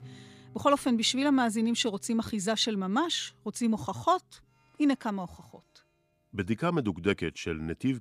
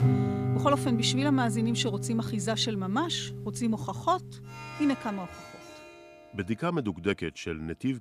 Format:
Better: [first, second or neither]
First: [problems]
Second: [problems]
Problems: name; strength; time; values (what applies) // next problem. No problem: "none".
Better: first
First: background music; faint; throughout; 30 dB below the speech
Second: background music; loud; throughout; 5 dB below the speech